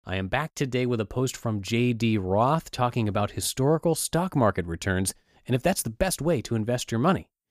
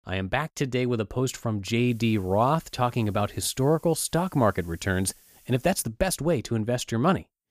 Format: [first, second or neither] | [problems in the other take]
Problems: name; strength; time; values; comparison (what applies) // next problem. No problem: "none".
first | hiss; faint; from 2 to 6 s; 30 dB below the speech